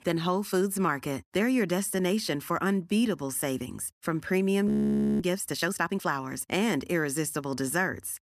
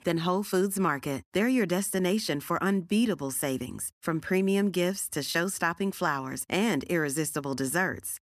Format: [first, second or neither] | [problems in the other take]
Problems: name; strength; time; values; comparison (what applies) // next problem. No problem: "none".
second | audio freezing; at 4.5 s for 0.5 s